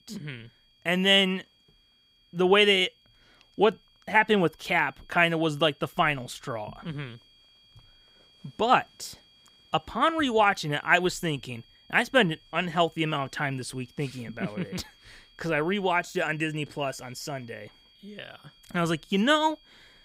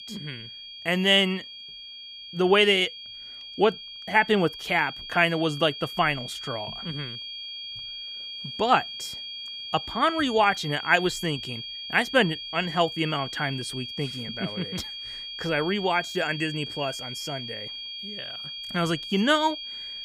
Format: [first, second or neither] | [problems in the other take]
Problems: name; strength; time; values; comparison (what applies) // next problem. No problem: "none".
first | high-pitched whine; loud; throughout; 3.5 kHz, 10 dB below the speech; faint in the first